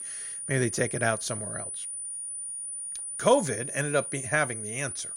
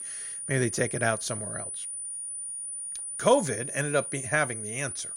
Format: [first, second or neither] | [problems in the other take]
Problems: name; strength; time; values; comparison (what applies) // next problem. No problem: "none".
neither | high-pitched whine; loud; throughout; 9.5 kHz, 5 dB below the speech; the same in both